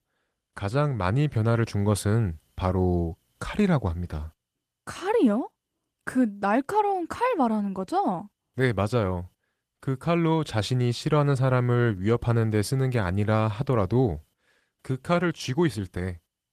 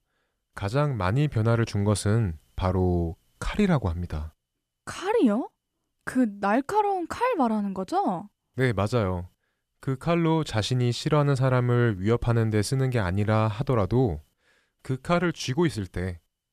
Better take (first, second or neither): second